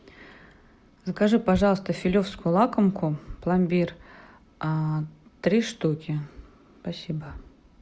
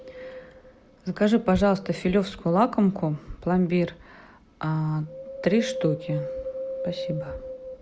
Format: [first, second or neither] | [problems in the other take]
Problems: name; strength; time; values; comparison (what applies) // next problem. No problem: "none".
first | background sound (Wind); 11 dB below the speech